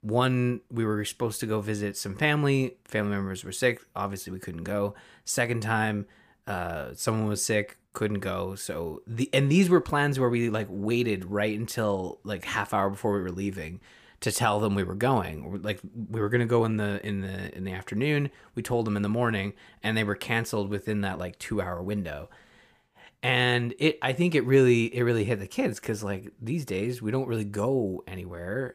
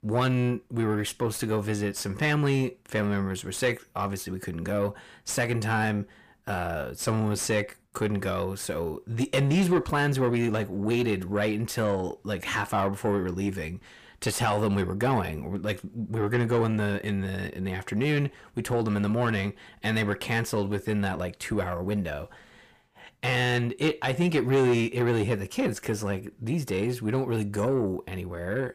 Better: first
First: none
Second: distortion; slight; 10 dB below the speech

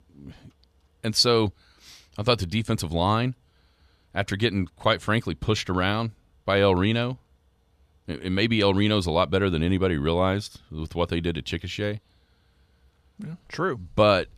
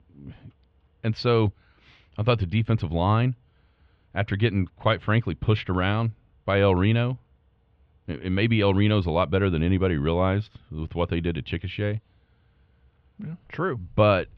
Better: first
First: none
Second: muffled; slightly; fading above 3 kHz

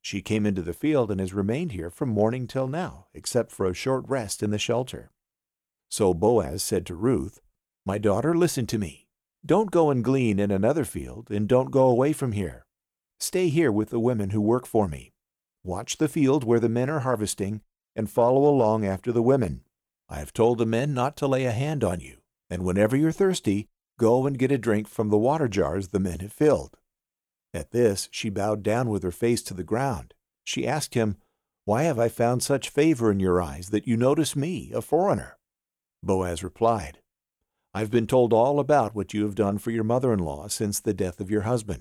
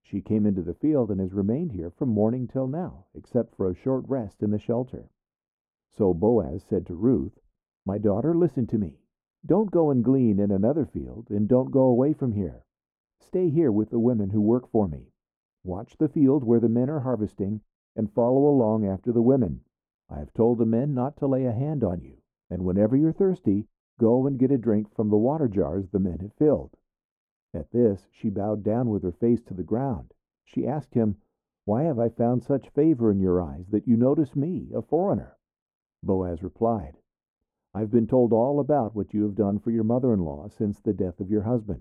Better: first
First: none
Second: muffled; very; fading above 2 kHz

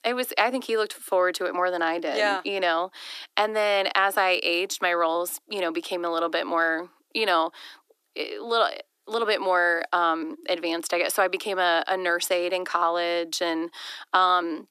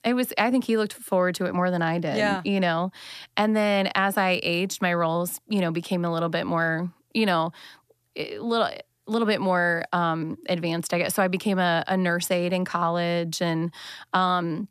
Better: second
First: thin; very; fading below 300 Hz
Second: none

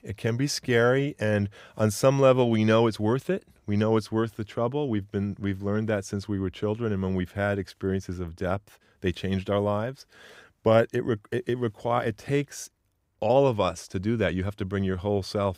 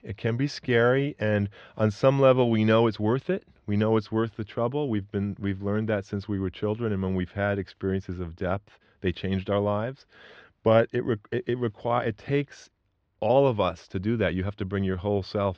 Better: first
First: none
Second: muffled; very slightly; fading above 4.5 kHz

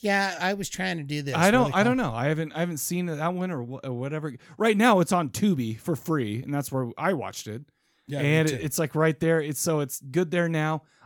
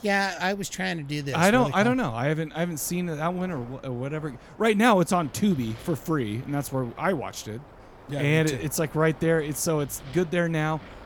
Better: first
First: none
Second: wind noise on the microphone; occasional gusts; 20 dB below the speech

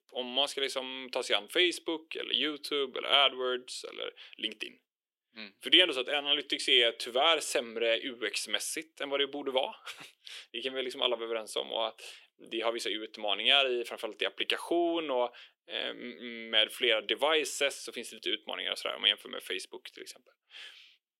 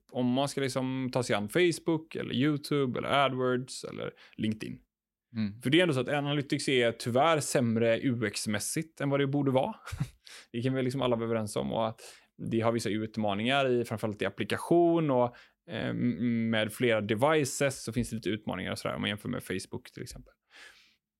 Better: second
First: thin; somewhat; fading below 400 Hz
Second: none

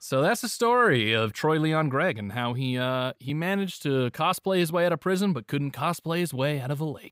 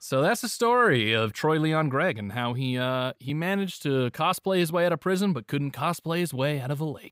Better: neither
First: none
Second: none

